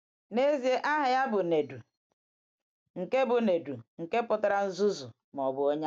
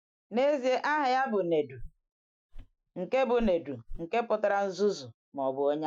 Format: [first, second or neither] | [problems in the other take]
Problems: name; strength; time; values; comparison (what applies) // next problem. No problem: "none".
first | noise reduction (classical method Wiener filter)